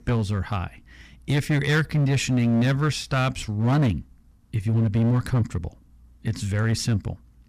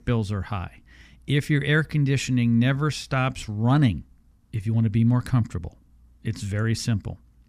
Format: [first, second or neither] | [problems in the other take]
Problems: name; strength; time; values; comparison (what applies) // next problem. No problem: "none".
second | distortion; slight; 10% of the sound clipped